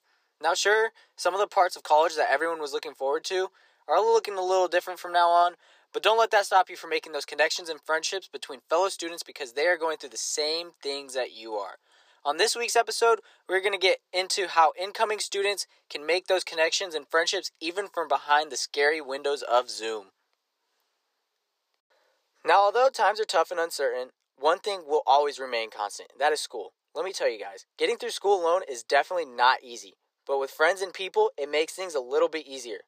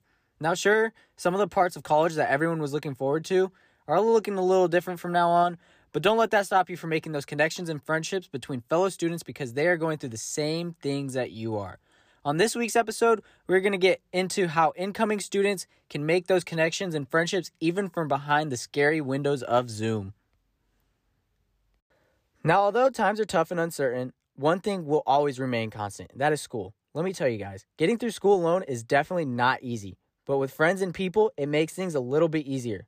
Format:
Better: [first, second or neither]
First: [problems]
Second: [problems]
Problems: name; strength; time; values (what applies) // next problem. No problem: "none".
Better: second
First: thin; very; fading below 450 Hz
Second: none